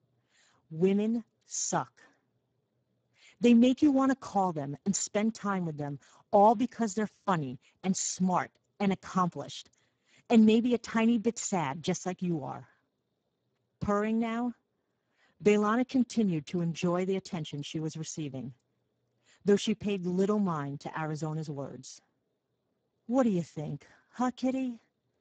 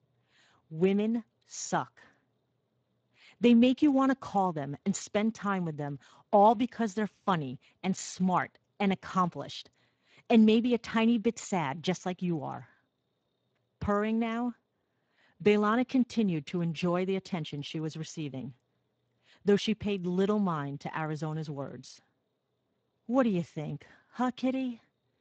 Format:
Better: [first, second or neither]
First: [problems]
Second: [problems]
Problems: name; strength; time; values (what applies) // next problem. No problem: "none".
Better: second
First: garbled, watery; badly; nothing above 7.5 kHz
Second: garbled, watery; slightly; nothing above 7.5 kHz